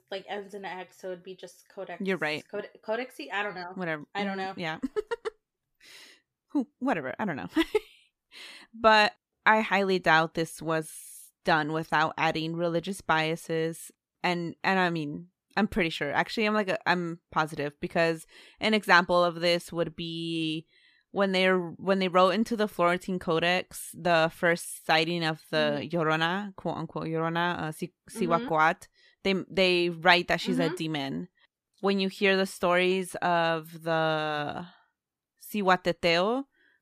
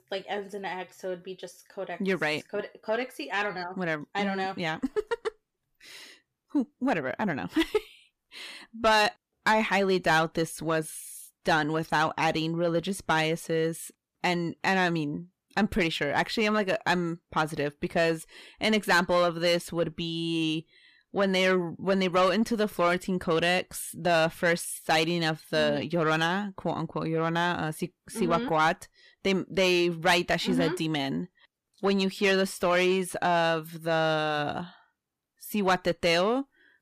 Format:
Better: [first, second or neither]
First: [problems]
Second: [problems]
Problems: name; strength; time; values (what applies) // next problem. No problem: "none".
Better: first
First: none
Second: distortion; slight; 10 dB below the speech